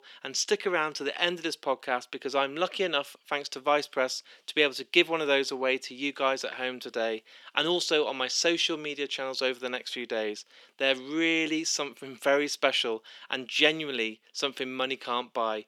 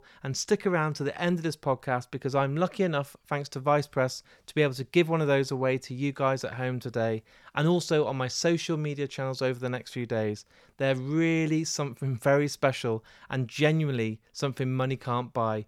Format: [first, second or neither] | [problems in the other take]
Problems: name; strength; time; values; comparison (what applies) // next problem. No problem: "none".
second | thin; somewhat; fading below 250 Hz